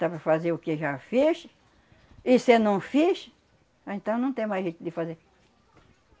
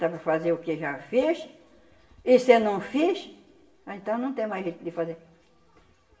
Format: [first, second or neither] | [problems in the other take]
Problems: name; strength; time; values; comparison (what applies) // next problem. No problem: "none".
first | room echo; dies away in 0.8 s